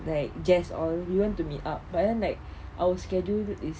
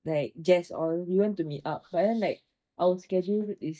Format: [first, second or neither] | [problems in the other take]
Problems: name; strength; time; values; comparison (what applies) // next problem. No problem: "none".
first | noise reduction (neural mask model DeepFilterNet 3)